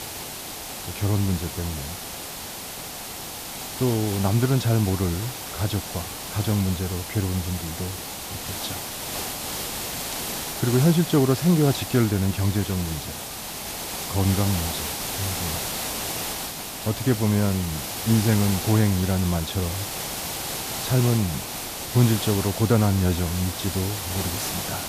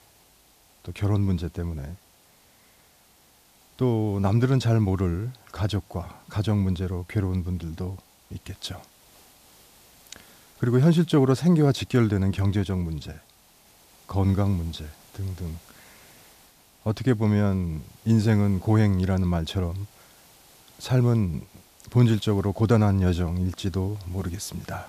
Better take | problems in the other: second | hiss; loud; throughout; 6 dB below the speech; faint in the second

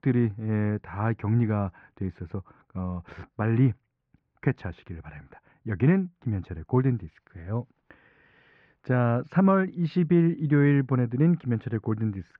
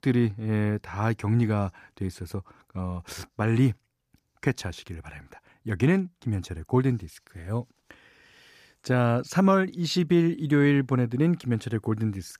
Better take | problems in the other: second | muffled; very; fading above 2 kHz

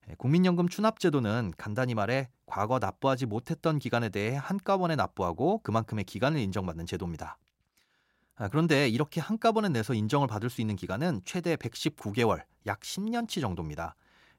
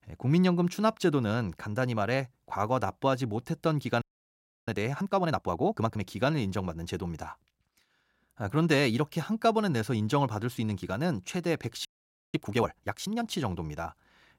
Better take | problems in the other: first | audio freezing; at 4 s for 0.5 s and at 12 s

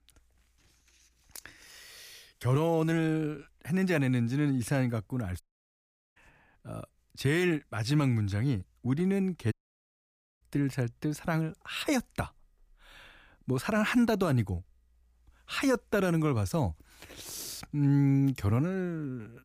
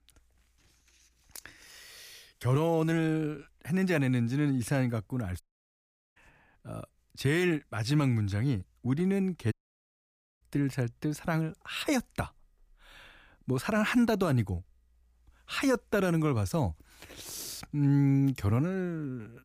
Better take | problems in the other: neither | audio cutting out; at 5.5 s for 1 s and at 9.5 s for 1 s; the same in both

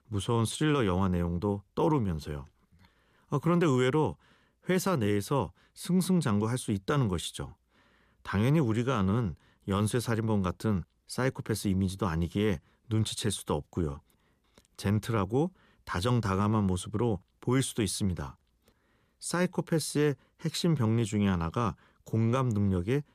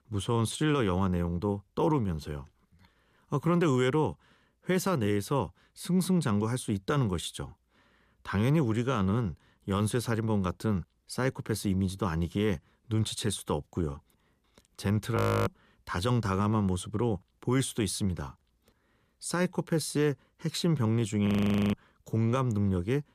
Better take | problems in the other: first | audio freezing; at 15 s and at 21 s

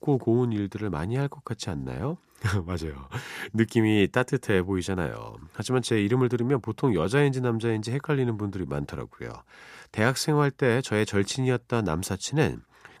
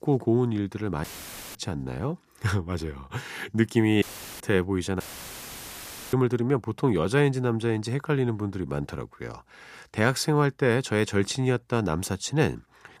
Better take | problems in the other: first | audio cutting out; filled with static; at 1 s for 0.5 s, at 4 s and at 5 s for 1 s

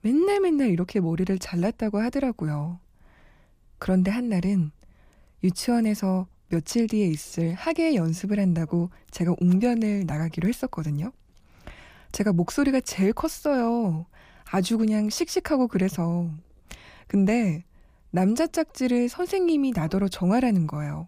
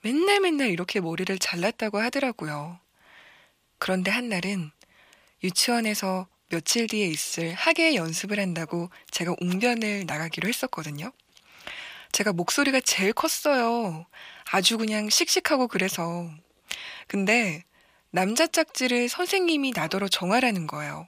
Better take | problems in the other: first | thin; somewhat; fading below 1 kHz

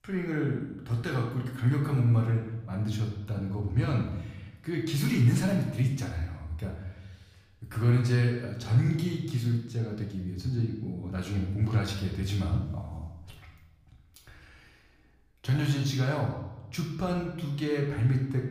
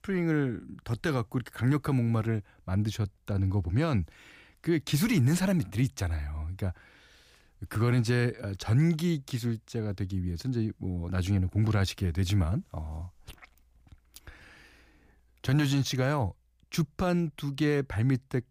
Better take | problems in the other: second | room echo; noticeable; dies away in 0.8 s // off-mic speech; far

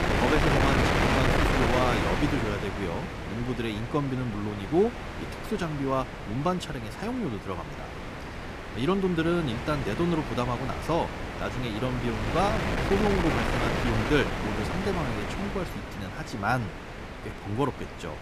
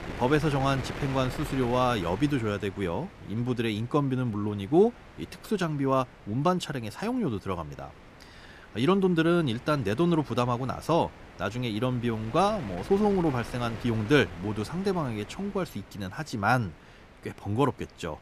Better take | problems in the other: second | wind noise on the microphone; heavy; as loud as the speech; occasional gusts in the second

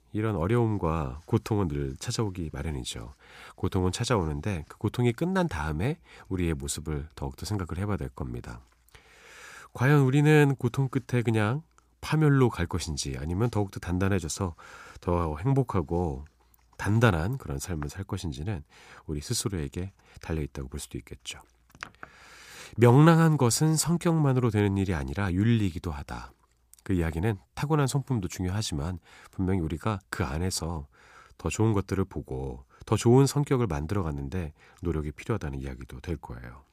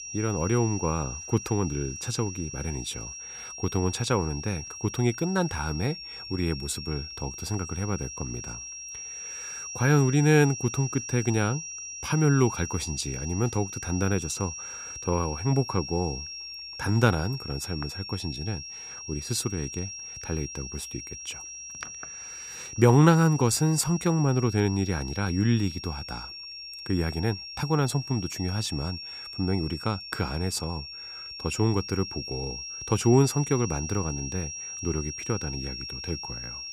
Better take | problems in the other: first | high-pitched whine; loud; throughout; 5.5 kHz, 9 dB below the speech

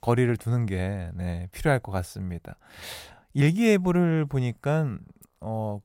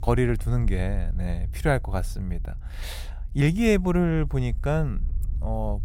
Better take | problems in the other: first | low rumble; faint; throughout; 25 dB below the speech

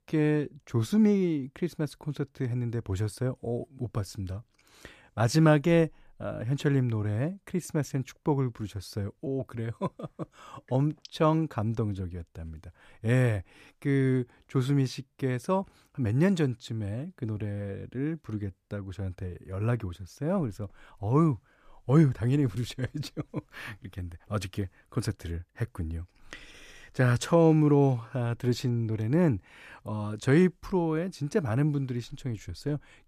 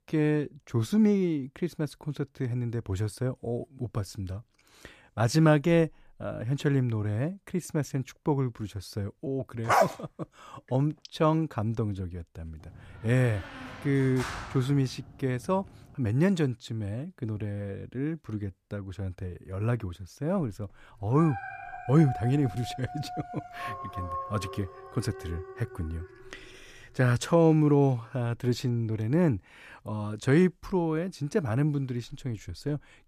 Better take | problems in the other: first | dog barking; loud; at 9.5 s; peak 4 dB above the speech // door banging; noticeable; from 13 to 16 s; peak 7 dB below the speech // dog barking; noticeable; from 21 to 26 s; peak 7 dB below the speech

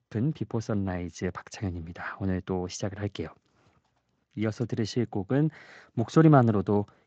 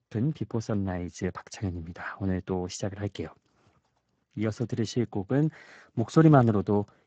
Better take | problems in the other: first | garbled, watery; badly; nothing above 7.5 kHz; slightly in the first

